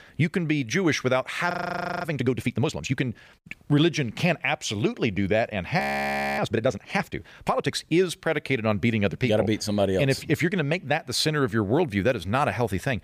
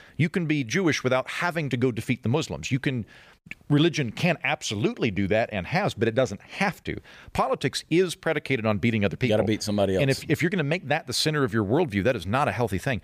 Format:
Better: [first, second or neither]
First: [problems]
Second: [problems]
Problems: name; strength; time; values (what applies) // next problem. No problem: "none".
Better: second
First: audio freezing; at 1.5 s for 0.5 s and at 6 s for 0.5 s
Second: none